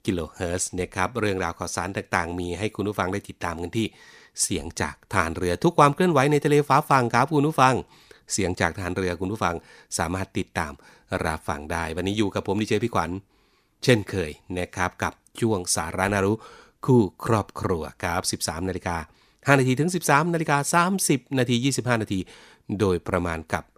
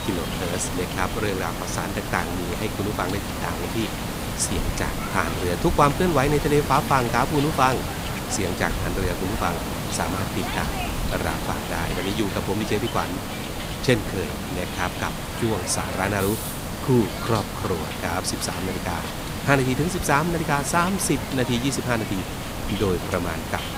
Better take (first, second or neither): first